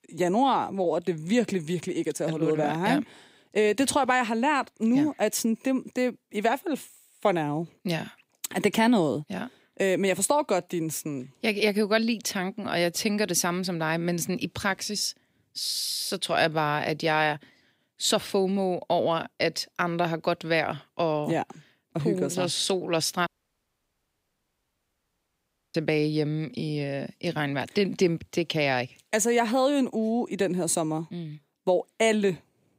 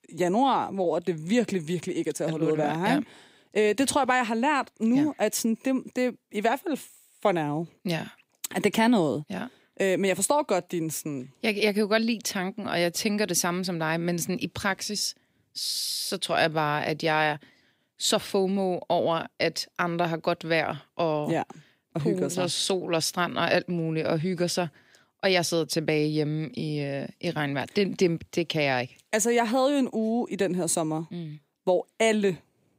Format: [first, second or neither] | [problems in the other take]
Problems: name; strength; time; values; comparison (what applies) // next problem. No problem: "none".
second | audio cutting out; at 23 s for 2.5 s